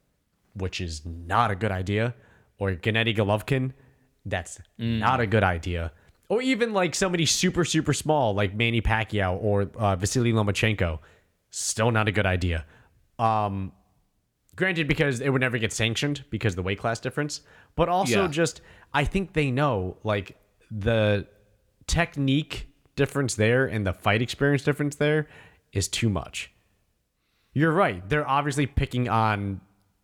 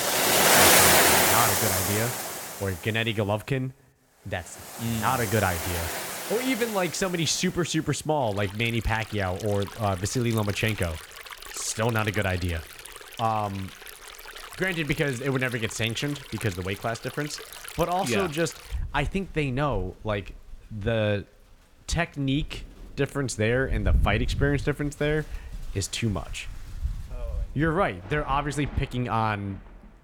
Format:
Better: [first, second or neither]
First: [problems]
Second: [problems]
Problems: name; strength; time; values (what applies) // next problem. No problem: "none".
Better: first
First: none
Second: rain or running water; very loud; throughout; 4 dB above the speech